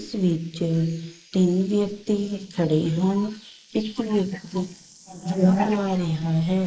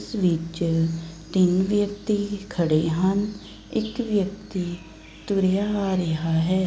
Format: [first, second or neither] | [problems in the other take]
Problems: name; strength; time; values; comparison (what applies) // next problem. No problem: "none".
second | noise reduction (neural mask model Resemble Enhance denoiser)